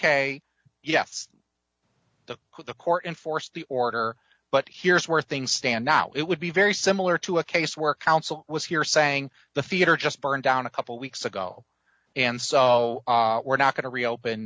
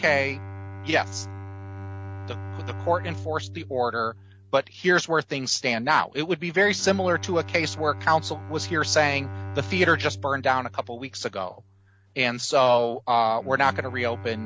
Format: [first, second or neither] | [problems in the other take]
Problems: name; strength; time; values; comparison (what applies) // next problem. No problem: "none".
first | background sound (Bowed string instrument); 12 dB below the speech